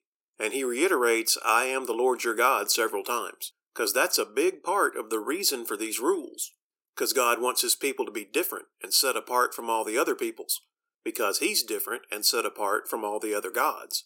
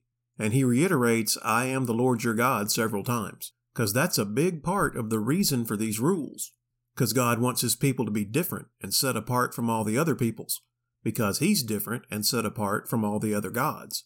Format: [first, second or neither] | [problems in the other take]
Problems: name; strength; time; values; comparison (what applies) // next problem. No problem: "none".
second | thin; very; fading below 350 Hz